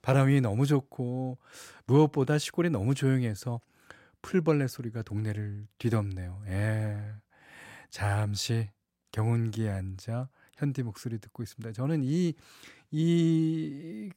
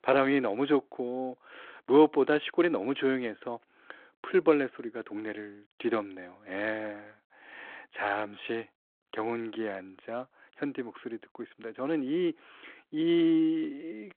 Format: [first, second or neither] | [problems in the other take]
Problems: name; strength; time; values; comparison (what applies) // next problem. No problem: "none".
first | phone-call audio